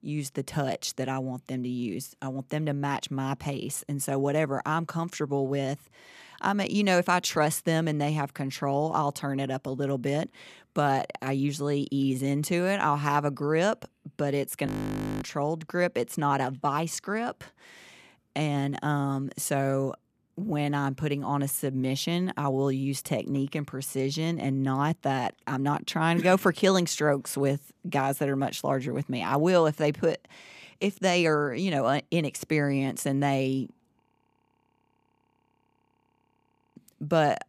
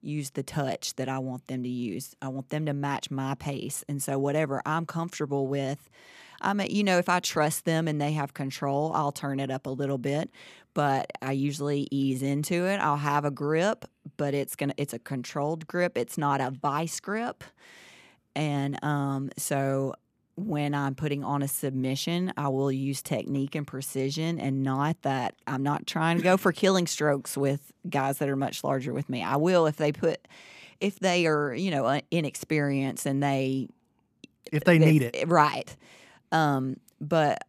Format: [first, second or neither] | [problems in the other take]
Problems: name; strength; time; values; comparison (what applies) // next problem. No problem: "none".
second | audio freezing; at 15 s for 0.5 s and at 34 s for 3 s